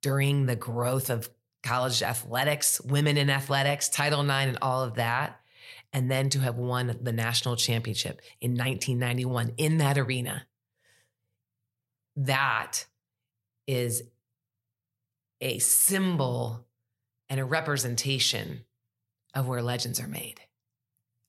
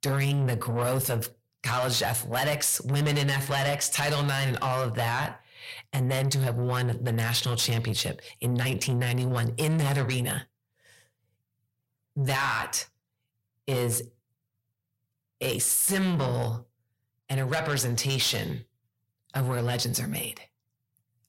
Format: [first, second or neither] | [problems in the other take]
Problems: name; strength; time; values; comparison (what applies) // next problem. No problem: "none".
first | distortion; heavy; 8 dB below the speech